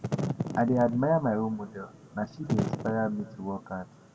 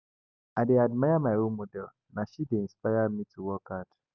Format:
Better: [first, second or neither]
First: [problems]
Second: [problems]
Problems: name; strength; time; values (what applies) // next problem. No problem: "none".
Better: second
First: background sound (Wind / Fire); 6 dB below the speech // room echo; dies away in 1.5 s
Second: none